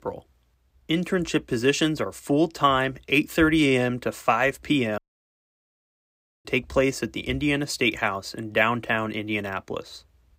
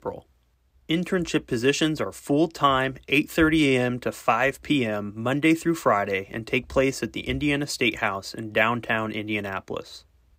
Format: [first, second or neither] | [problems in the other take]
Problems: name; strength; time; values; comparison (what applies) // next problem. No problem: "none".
second | audio cutting out; at 5 s for 1.5 s